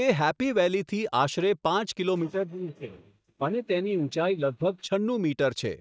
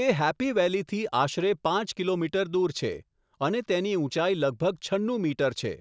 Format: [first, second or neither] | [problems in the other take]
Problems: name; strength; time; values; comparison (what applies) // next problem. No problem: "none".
second | noise reduction (neural mask model DeepFilterNet 3)